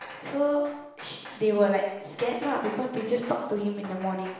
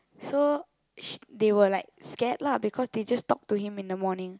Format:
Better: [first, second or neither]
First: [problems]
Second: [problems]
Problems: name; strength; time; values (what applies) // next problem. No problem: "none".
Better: second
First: background sound (Hammer); 17 dB below the speech // room echo; dies away in 0.9 s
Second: none